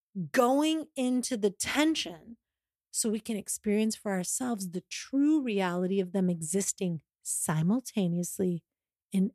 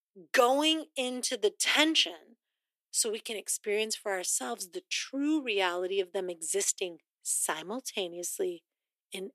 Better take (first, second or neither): first